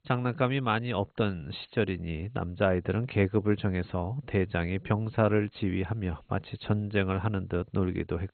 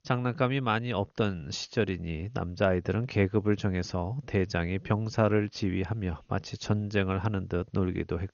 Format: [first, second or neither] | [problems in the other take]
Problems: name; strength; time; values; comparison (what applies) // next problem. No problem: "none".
second | garbled, watery; badly; nothing above 4 kHz; slightly in the second